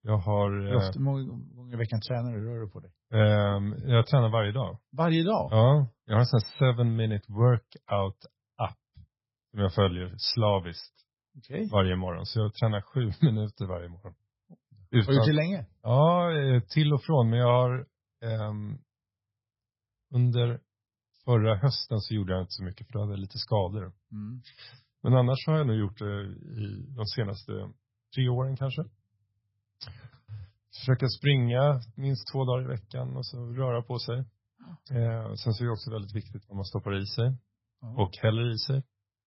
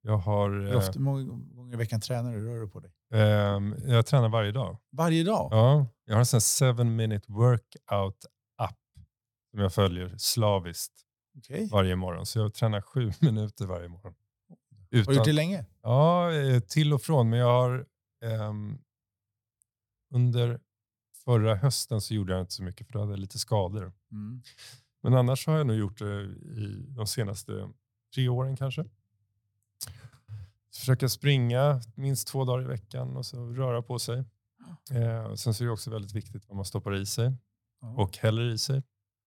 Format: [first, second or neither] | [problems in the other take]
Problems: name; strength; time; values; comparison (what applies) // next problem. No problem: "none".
second | garbled, watery; badly; nothing above 5.5 kHz